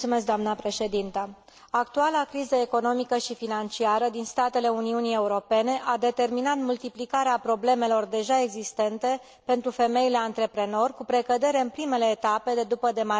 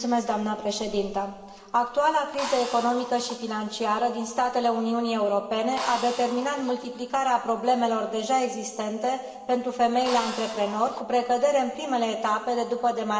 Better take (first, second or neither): first